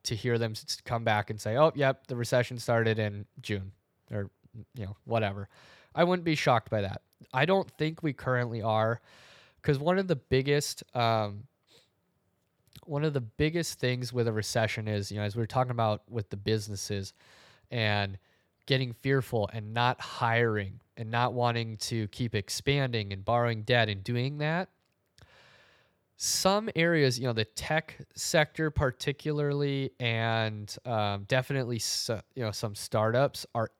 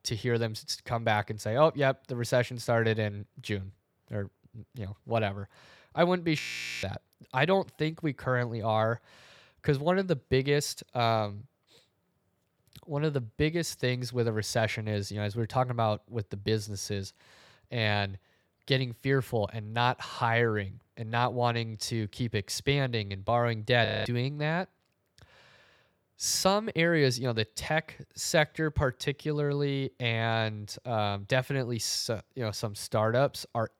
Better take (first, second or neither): first